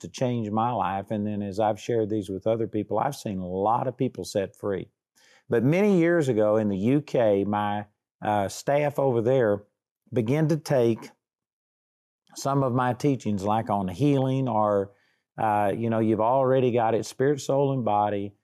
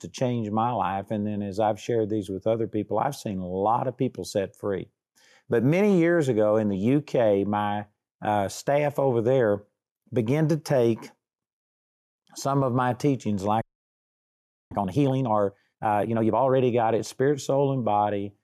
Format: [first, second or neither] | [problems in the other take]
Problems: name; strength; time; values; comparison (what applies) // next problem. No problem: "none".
first | audio freezing; at 14 s for 1 s